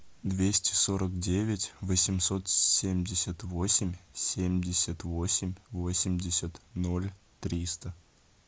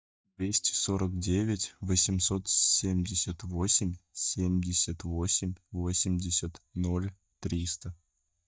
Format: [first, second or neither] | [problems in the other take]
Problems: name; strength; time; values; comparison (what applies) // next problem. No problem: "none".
first | noise reduction (neural mask model DeepFilterNet 3)